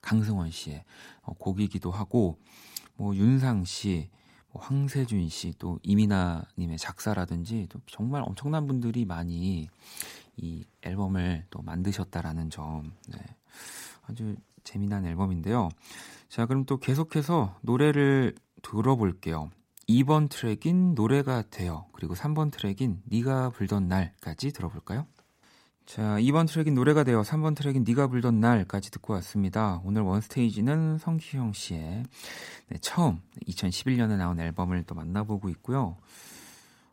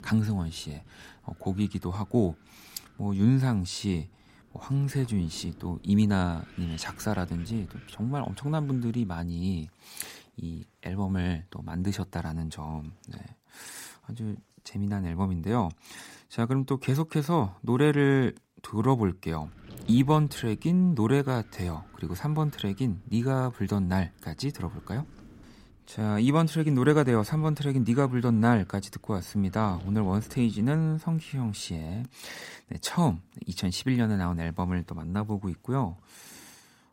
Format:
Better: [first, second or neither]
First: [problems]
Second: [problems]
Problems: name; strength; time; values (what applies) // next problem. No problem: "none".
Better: first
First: none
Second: wind noise on the microphone; occasional gusts; until 9 s and from 19 to 32 s; 25 dB below the speech